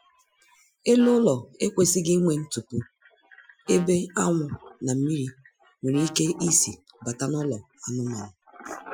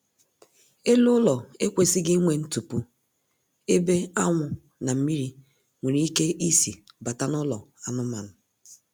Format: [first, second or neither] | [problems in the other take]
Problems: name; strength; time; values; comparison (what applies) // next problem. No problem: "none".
second | noise reduction (classical method Wiener filter)